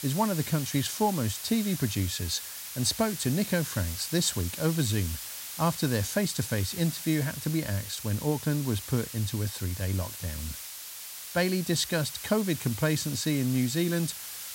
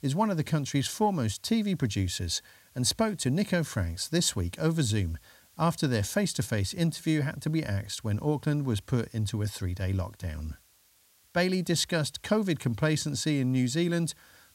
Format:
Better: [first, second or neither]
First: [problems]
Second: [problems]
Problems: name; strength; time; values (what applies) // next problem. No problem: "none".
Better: second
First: hiss; loud; throughout; 8 dB below the speech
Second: hiss; faint; throughout; 30 dB below the speech